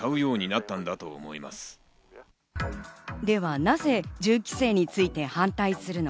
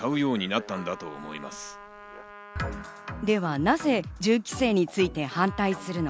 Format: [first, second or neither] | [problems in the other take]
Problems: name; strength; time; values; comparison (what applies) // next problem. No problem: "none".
first | background sound (Trumpet); 19 dB below the speech